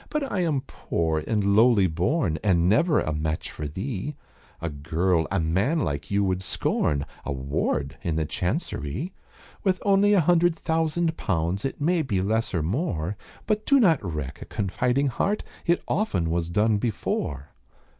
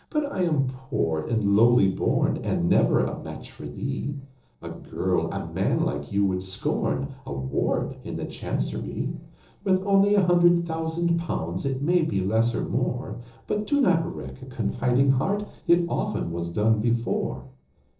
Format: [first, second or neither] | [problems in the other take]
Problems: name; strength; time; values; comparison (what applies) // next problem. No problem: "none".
first | noise reduction (neural separator model SepFormer DNS4)